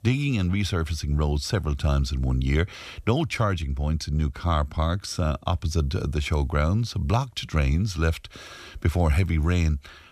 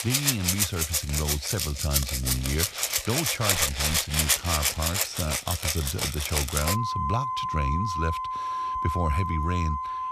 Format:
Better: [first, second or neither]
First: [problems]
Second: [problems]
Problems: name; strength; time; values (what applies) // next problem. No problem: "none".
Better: first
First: none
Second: background music; very loud; throughout; 4 dB above the speech